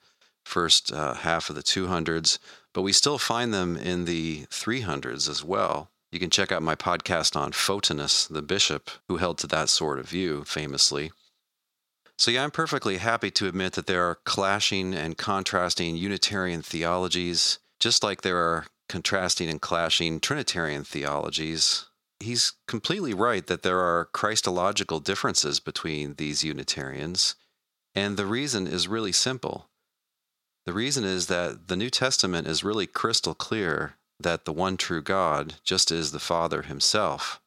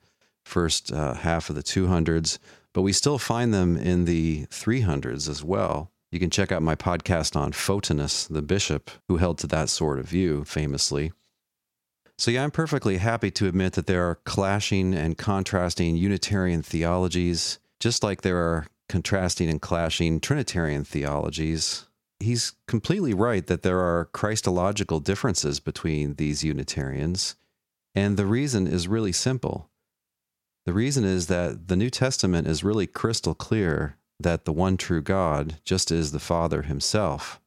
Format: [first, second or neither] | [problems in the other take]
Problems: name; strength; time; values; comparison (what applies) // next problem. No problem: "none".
second | thin; somewhat; fading below 800 Hz